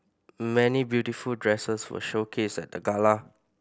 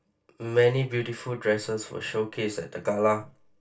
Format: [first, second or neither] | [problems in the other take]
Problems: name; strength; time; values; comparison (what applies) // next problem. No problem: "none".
first | room echo; dies away in 0.3 s